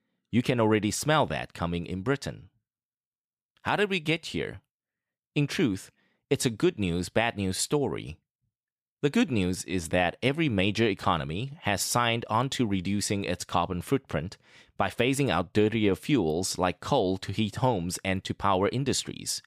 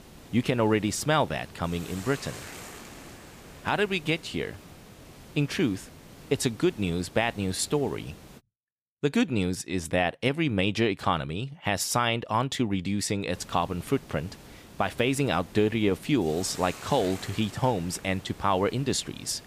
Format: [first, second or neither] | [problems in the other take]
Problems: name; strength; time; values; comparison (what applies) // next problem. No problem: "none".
first | hiss; noticeable; until 8.5 s and from 13 s on; 20 dB below the speech